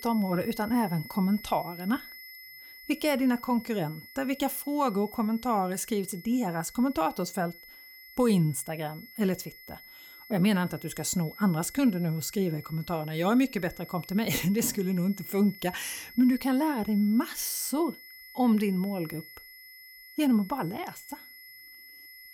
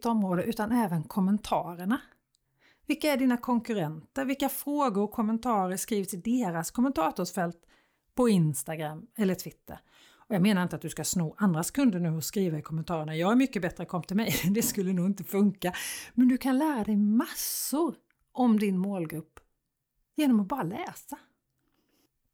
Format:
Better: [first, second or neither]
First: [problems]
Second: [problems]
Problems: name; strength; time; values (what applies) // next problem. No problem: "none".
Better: second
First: high-pitched whine; noticeable; throughout; 2 kHz, 15 dB below the speech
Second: none